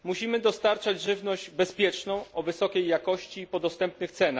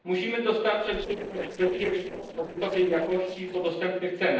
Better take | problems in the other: first | noise reduction (neural separator model SepFormer DNS4)

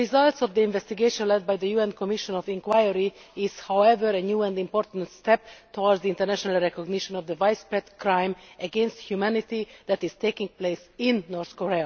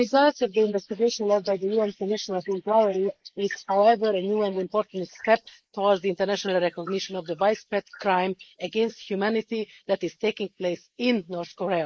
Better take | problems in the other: first | noise reduction (neural mask model Resemble Enhance denoiser)

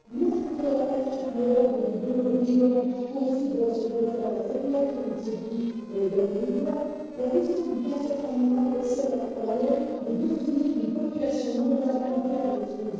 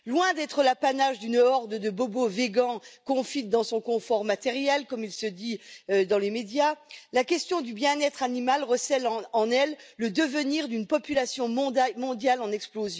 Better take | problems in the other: second | noise reduction (neural separator model SepFormer DNS4)

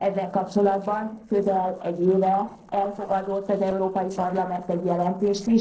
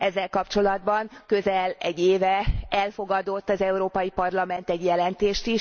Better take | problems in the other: second | noise reduction (neural separator model SepFormer DNS4)

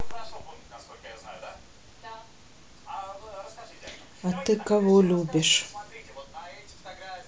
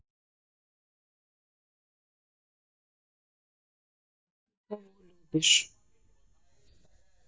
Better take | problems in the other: first | noise reduction (neural mask model DeepFilterNet 3)

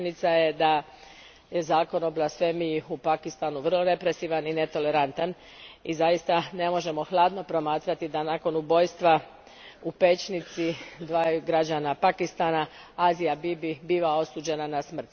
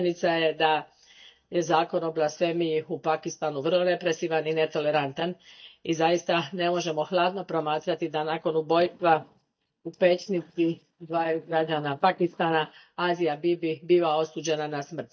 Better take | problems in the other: first | noise reduction (neural mask model DeepFilterNet 3)

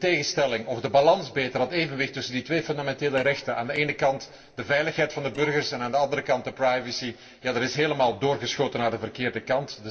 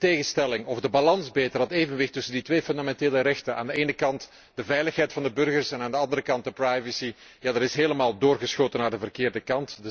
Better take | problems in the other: second | noise reduction (neural separator model SepFormer DNS4)

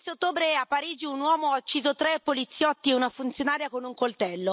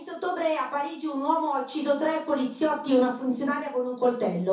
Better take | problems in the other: first | room echo; dies away in 0.6 s

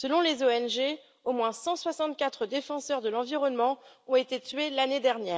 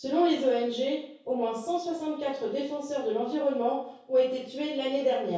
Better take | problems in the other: first | room echo; dies away in 0.6 s

